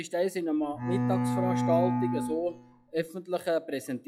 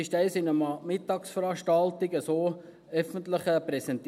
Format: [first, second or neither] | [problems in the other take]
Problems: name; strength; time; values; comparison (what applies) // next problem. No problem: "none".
second | noise reduction (classical method log-MMSE)